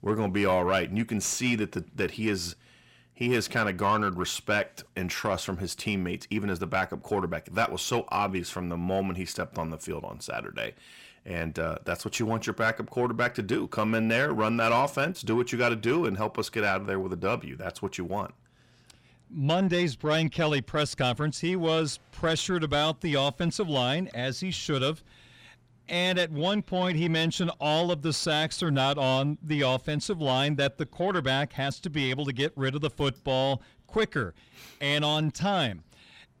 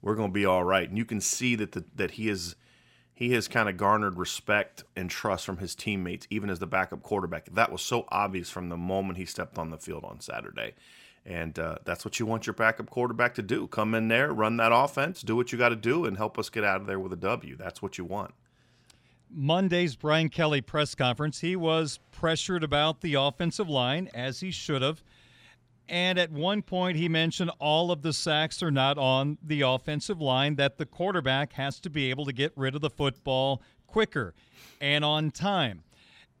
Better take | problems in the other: second | distortion; slight; 10 dB below the speech

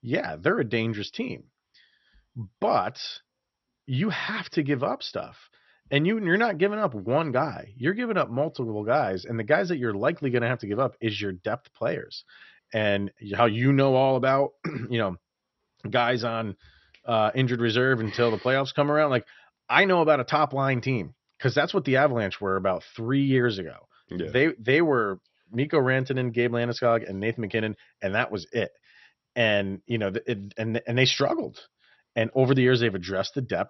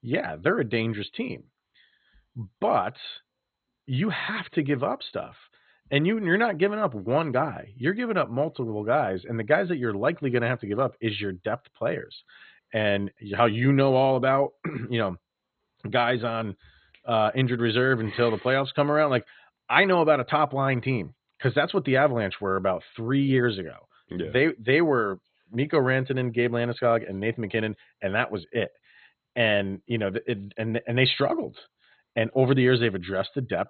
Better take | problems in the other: first | garbled, watery; badly; nothing above 4 kHz; slightly in the first

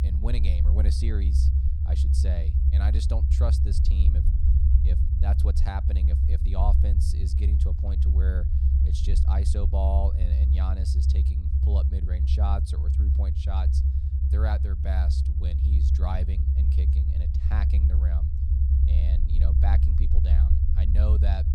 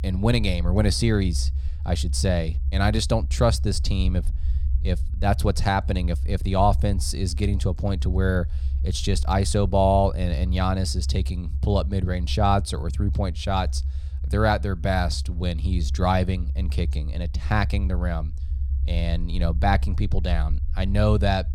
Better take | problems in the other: second | low rumble; loud; throughout; 1 dB below the speech; faint in the second

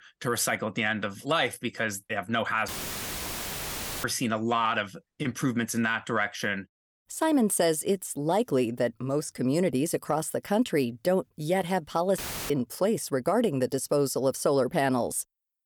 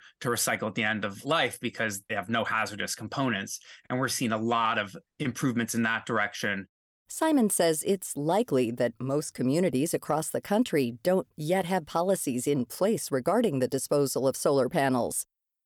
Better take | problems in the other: second | audio cutting out; filled with static; at 2.5 s for 1.5 s and at 12 s

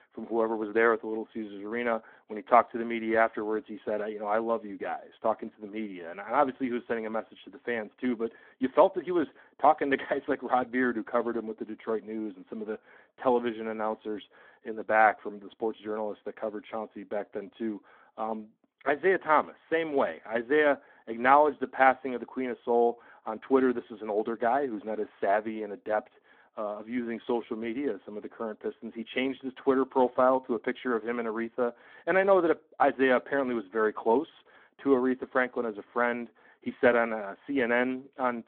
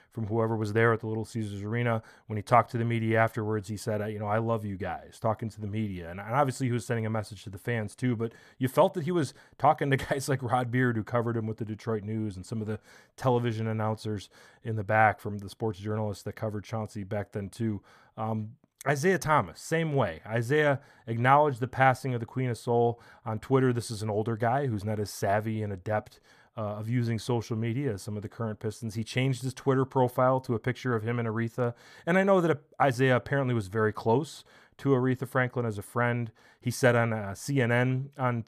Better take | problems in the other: second | phone-call audio

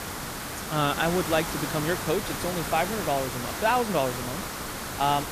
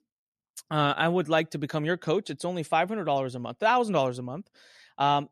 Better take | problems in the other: second | hiss; loud; throughout; 4 dB below the speech

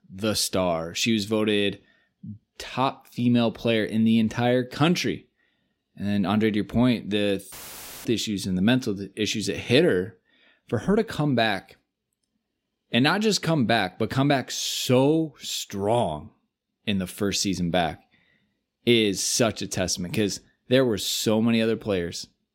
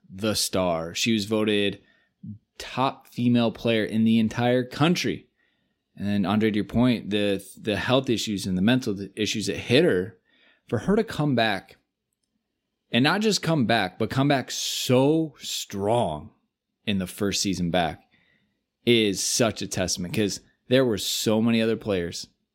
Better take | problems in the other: second | audio cutting out; filled with static; at 7.5 s for 0.5 s

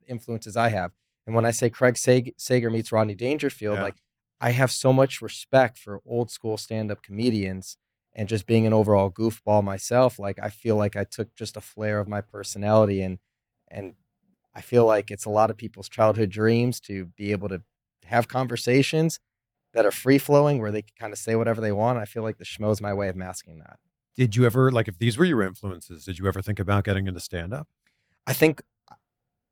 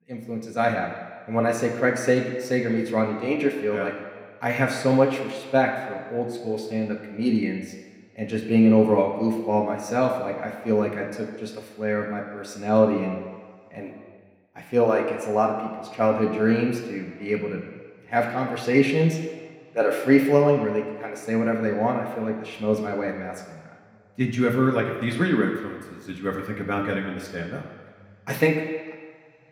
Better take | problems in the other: first | room echo; noticeable; dies away in 1.7 s // off-mic speech; somewhat distant

